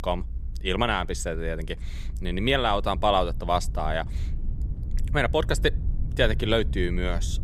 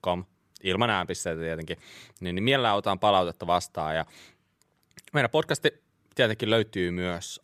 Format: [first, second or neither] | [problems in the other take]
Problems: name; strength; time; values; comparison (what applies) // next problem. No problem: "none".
second | low rumble; faint; throughout; 25 dB below the speech